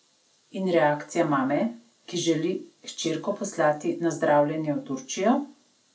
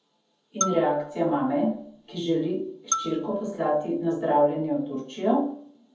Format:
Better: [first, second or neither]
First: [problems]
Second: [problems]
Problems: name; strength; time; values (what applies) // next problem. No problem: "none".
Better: first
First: none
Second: background sound (Marimba, xylophone); 10 dB below the speech // room echo; dies away in 0.7 s